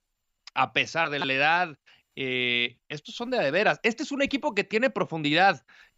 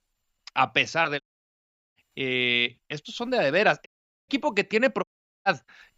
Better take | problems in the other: first | audio cutting out; at 1 s for 1 s, at 4 s and at 5 s

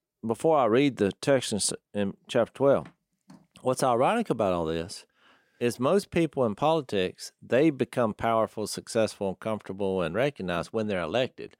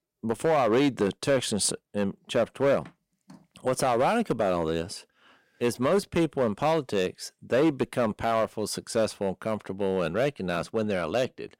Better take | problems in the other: first | distortion; slight; 5% of the sound clipped

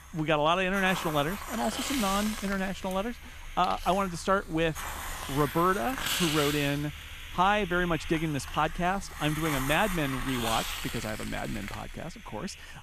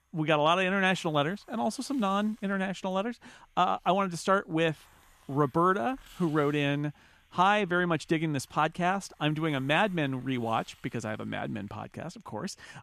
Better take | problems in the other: second | hiss; loud; throughout; 7 dB below the speech; faint in the second

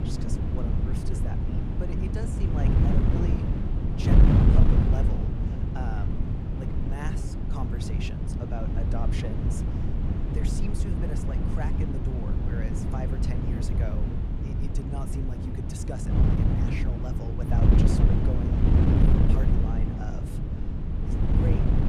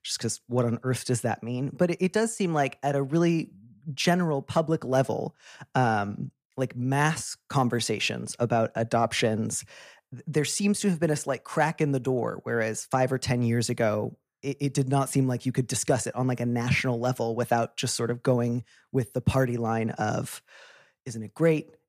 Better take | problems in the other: second | wind noise on the microphone; heavy; 5 dB above the speech

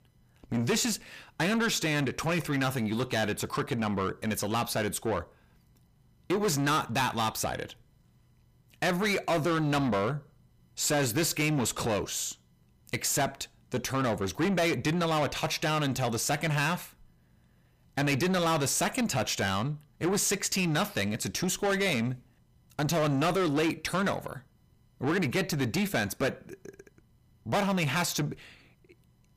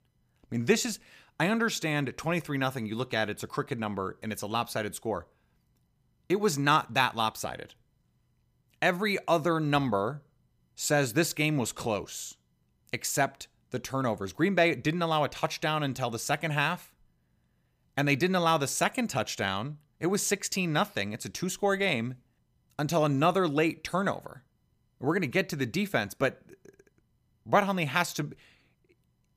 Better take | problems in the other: second | distortion; heavy; 6 dB below the speech

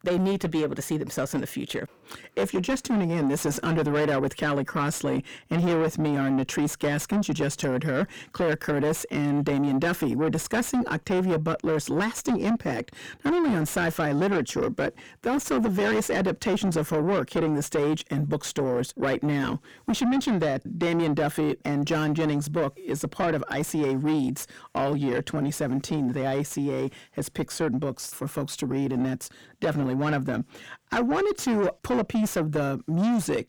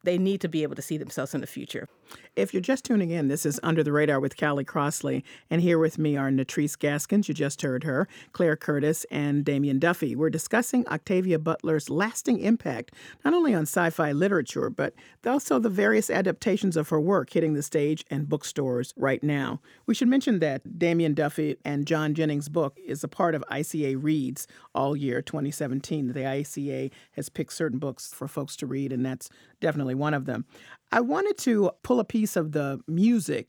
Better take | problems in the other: second | distortion; heavy; 7 dB below the speech

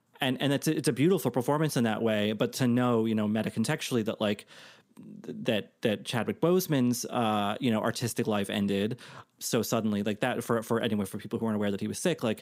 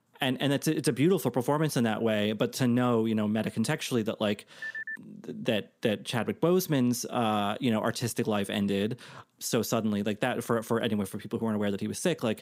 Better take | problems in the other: first | phone ringing; noticeable; at 4.5 s; peak 7 dB below the speech

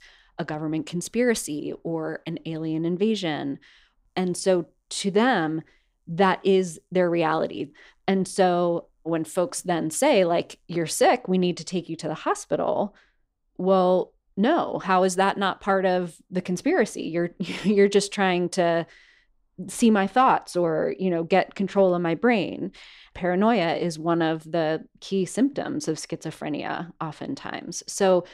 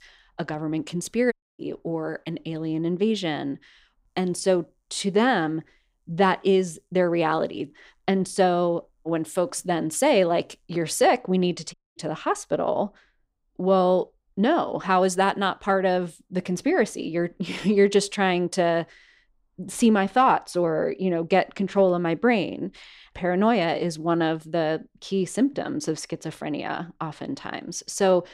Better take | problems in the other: first | audio cutting out; at 1.5 s and at 12 s

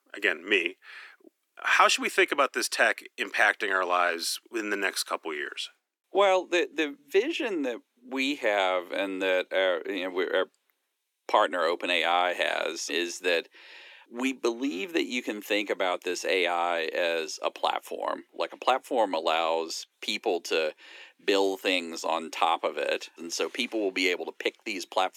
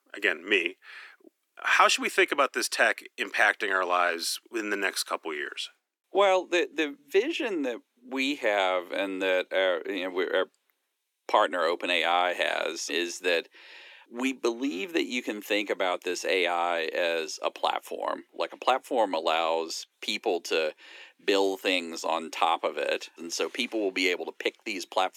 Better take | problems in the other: neither | thin; somewhat; fading below 300 Hz; the same in both

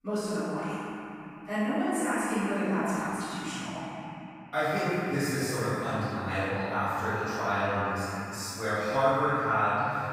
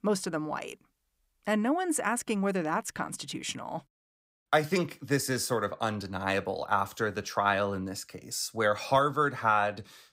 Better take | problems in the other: second | off-mic speech; far // room echo; strong; dies away in 3 s

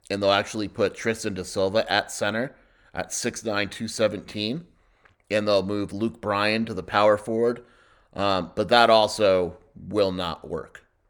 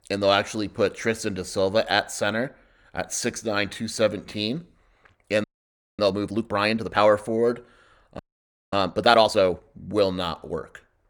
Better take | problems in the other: first | audio freezing; at 5.5 s for 0.5 s and at 8 s for 0.5 s

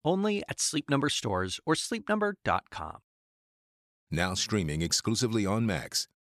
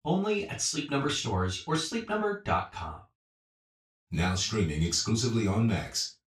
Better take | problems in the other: first | room echo; slight; dies away in 0.2 s // off-mic speech; far

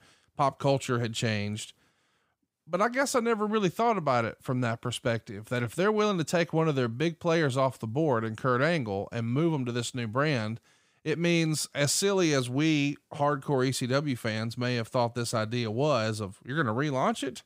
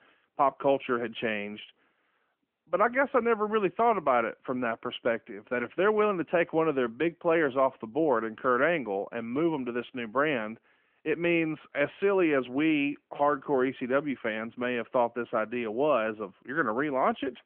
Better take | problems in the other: first | phone-call audio; nothing above 3 kHz

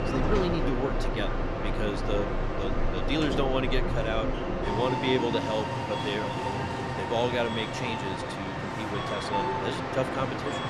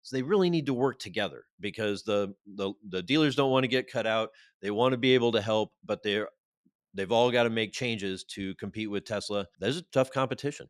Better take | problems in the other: second | train or aircraft noise; very loud; throughout; 1 dB above the speech

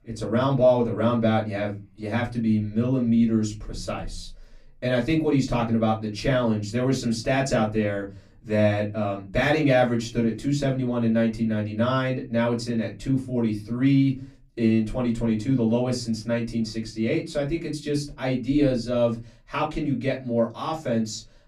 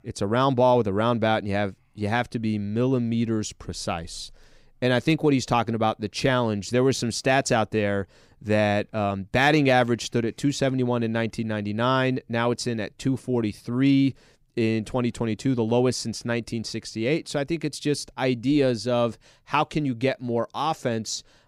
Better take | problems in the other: second | off-mic speech; far // room echo; very slight; dies away in 0.3 s

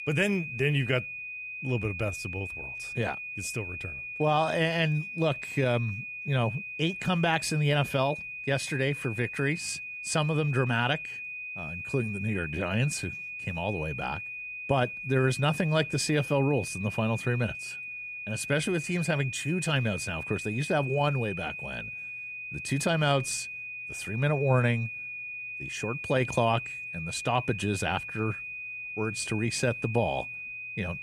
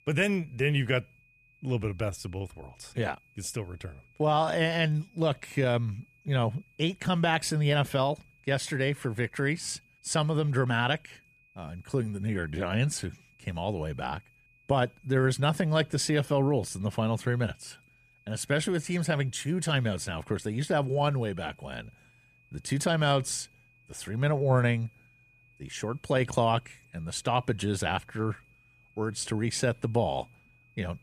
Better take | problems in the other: second | high-pitched whine; loud; throughout; 2.5 kHz, 7 dB below the speech; faint in the second

